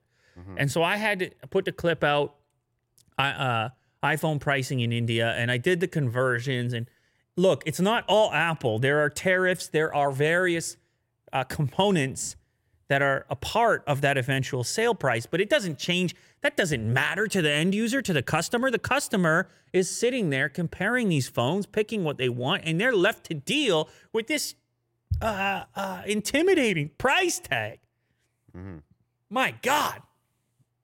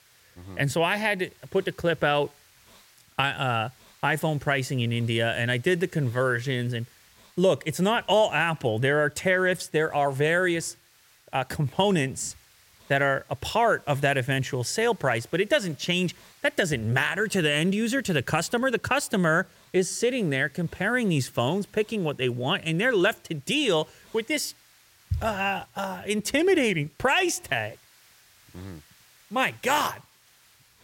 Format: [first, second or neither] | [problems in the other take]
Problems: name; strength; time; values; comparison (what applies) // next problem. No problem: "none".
first | hiss; faint; throughout; 30 dB below the speech